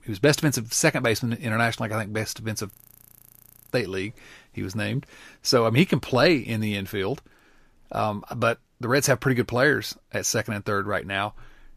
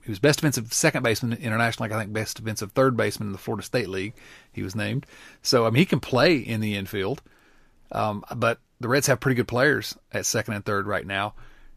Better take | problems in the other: second | audio freezing; at 2.5 s for 1 s

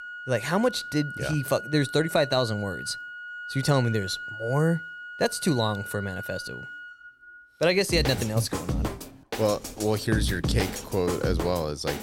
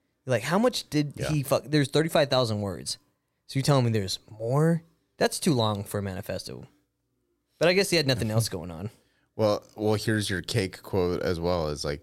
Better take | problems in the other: second | background music; loud; throughout; 8 dB below the speech

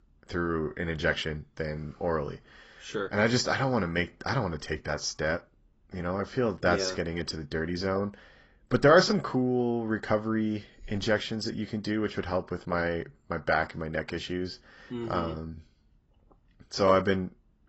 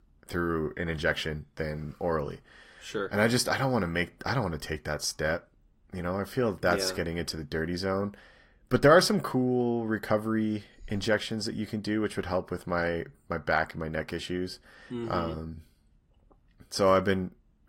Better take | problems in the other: second | garbled, watery; badly; nothing above 7.5 kHz; slightly in the second

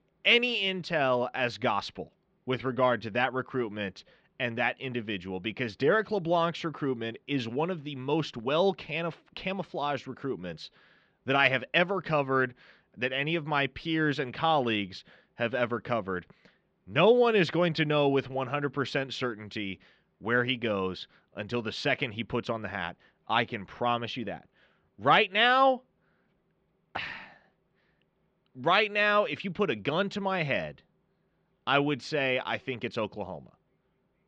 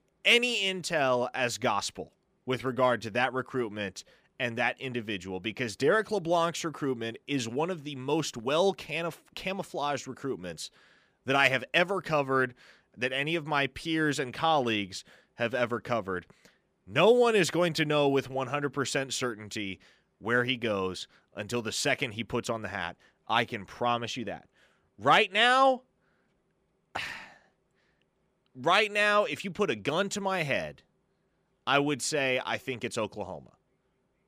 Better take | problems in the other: second | muffled; very slightly; fading above 4 kHz

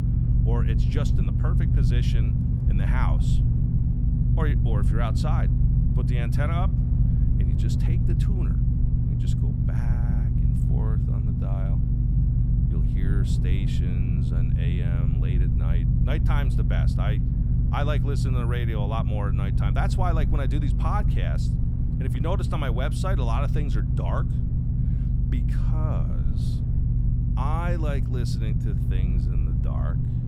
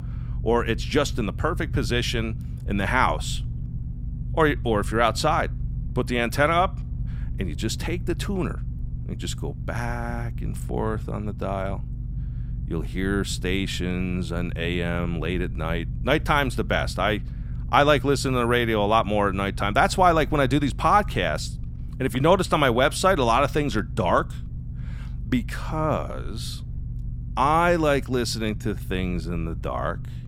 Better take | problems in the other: second | low rumble; loud; throughout; 1 dB below the speech; faint in the second

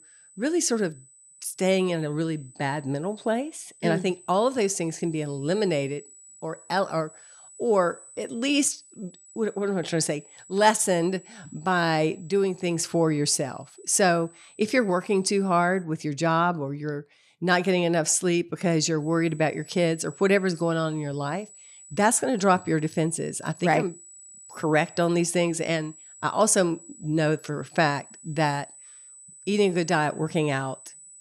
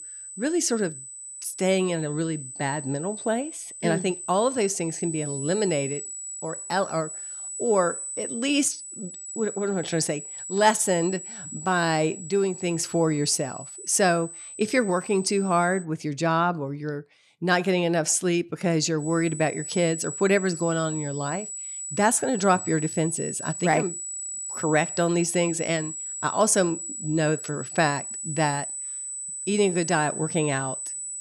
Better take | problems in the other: first | high-pitched whine; loud; until 16 s and from 19 s on; 8 kHz, 8 dB below the speech; faint in the first

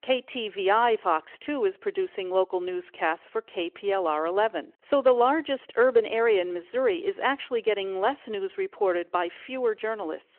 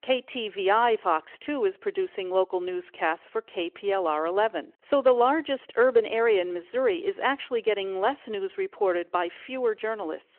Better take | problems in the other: neither | phone-call audio; the same in both

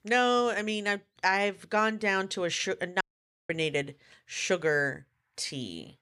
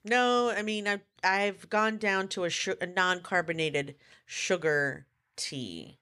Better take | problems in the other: second | audio cutting out; at 3 s

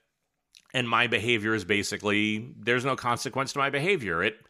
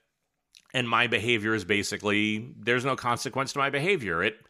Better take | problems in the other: neither | none

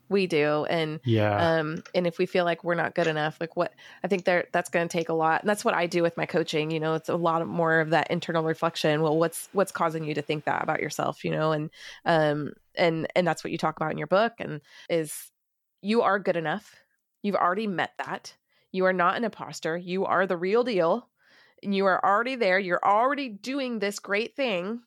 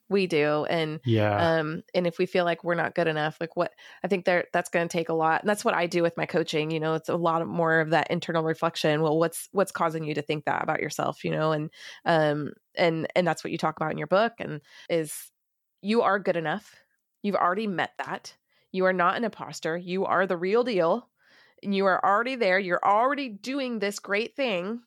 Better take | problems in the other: second | household noises; faint; until 14 s; 30 dB below the speech

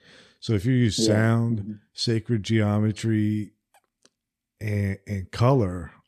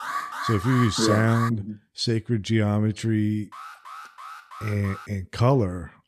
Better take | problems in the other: first | alarm; noticeable; until 1.5 s; peak 5 dB below the speech // alarm; faint; from 3.5 to 5 s; peak 15 dB below the speech

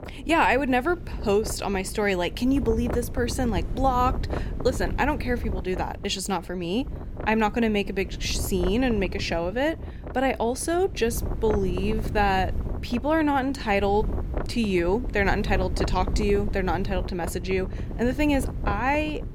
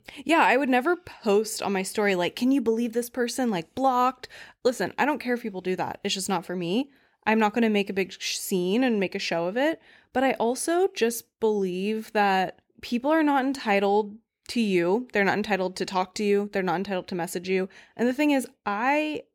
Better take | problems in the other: second | wind noise on the microphone; occasional gusts; 15 dB below the speech

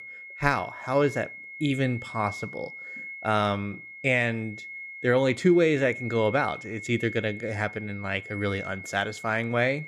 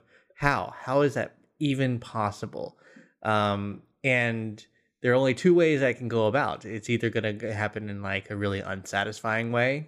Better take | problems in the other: second | high-pitched whine; noticeable; throughout; 2 kHz, 10 dB below the speech

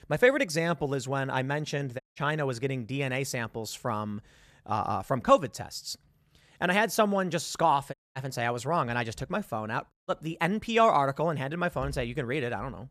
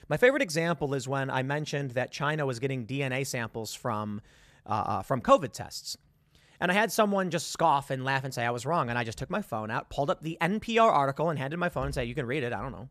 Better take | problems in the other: second | audio cutting out; at 2 s, at 8 s and at 10 s

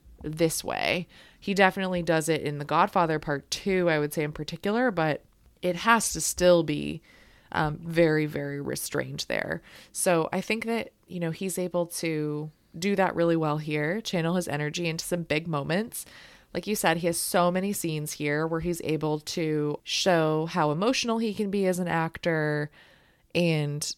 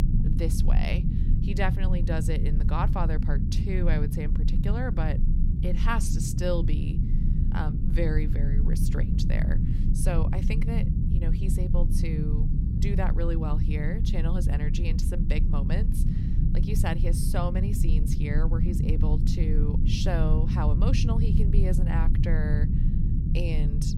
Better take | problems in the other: first | low rumble; loud; throughout; 3 dB below the speech

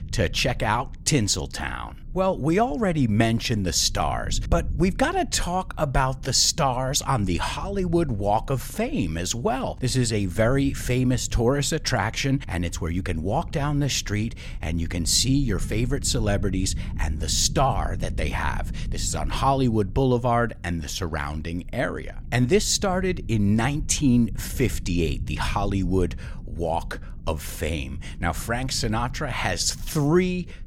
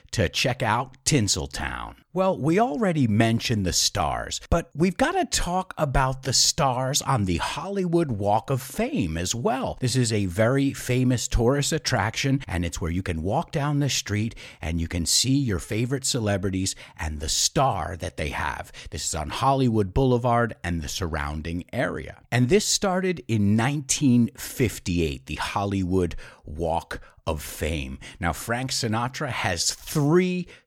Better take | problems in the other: second | low rumble; faint; throughout; 25 dB below the speech

